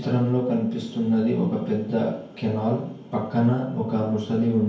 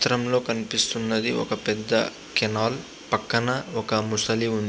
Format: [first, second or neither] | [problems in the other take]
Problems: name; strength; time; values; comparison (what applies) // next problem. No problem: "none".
second | room echo; dies away in 0.9 s